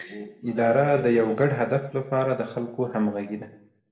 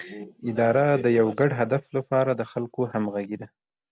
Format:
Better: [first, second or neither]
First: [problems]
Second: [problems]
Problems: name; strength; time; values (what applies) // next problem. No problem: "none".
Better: second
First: room echo; dies away in 0.6 s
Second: none